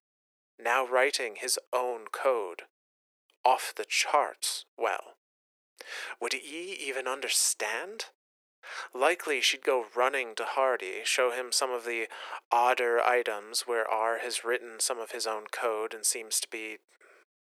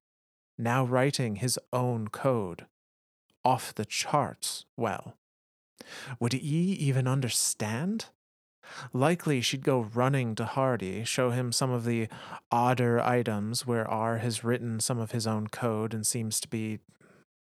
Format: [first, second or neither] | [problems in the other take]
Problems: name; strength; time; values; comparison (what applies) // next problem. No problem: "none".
second | thin; very; fading below 400 Hz